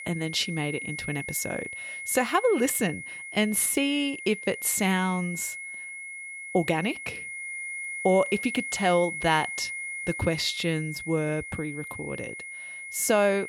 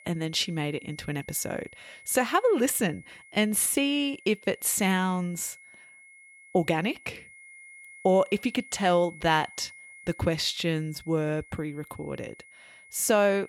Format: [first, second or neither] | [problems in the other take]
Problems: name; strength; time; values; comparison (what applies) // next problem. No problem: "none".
second | high-pitched whine; loud; throughout; 2 kHz, 8 dB below the speech; faint in the second